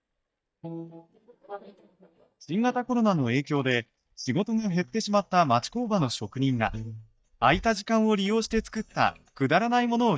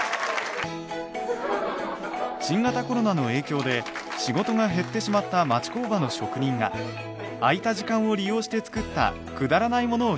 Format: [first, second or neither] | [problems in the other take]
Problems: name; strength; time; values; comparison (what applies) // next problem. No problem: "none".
second | noise reduction (neural mask model DeepFilterNet 3)